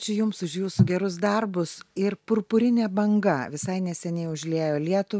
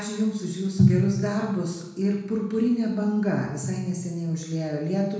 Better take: first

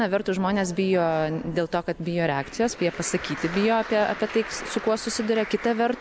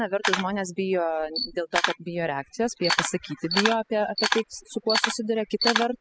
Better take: first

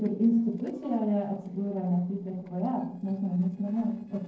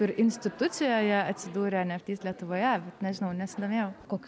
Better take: second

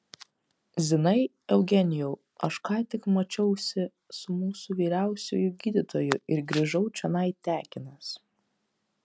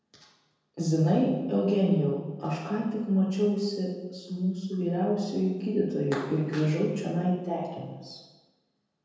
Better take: first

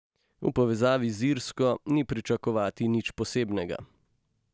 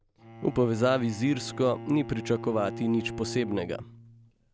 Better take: first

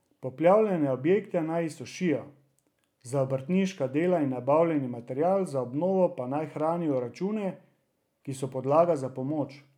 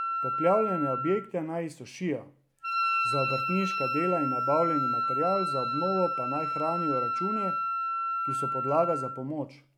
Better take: first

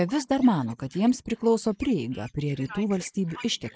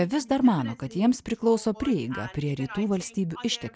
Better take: second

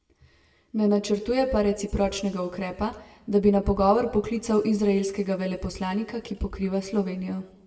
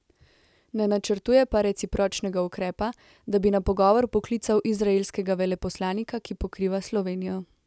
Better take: second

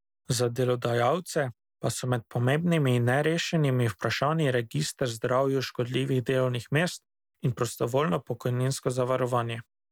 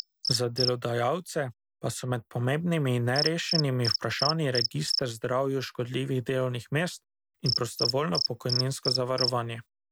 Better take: first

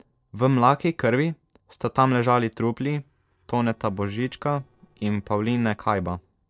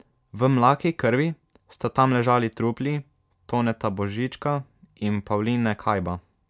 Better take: second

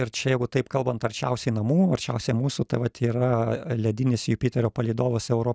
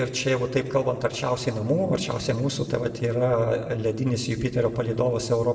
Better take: first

